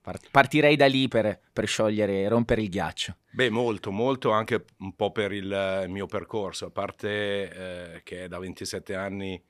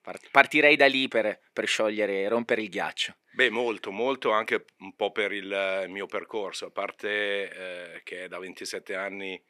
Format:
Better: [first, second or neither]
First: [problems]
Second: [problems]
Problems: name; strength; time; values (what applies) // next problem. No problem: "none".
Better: first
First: none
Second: thin; very slightly; fading below 350 Hz